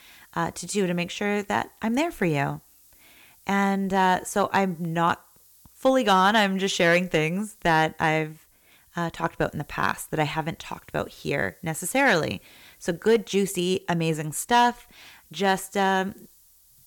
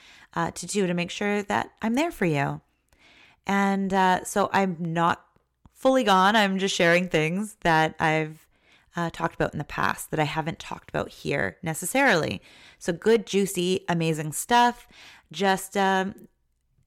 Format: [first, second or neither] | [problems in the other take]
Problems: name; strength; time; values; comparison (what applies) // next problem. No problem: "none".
second | hiss; faint; throughout; 30 dB below the speech